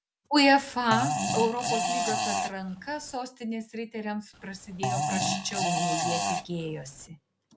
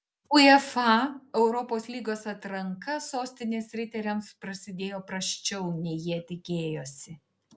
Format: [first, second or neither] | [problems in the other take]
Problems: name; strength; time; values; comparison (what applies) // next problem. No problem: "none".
second | background sound (Fart); 1 dB below the speech